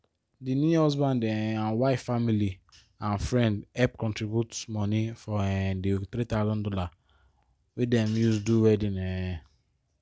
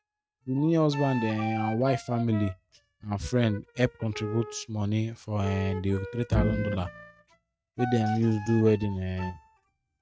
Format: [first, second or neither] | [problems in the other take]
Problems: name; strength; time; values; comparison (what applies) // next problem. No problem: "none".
first | noise reduction (neural mask model RNNoise)